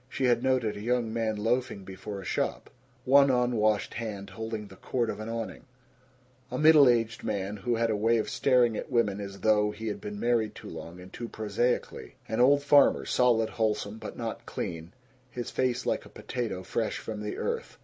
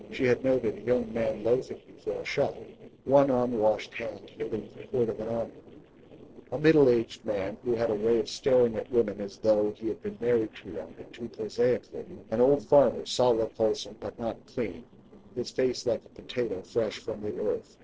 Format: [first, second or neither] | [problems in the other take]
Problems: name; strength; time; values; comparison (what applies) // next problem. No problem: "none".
first | noise reduction (neural separator model SepFormer DNS4)